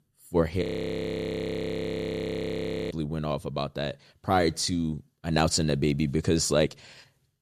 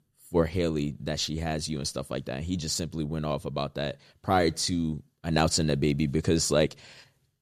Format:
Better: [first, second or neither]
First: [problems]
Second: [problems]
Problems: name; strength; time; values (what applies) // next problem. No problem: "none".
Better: second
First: audio freezing; at 0.5 s for 2.5 s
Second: none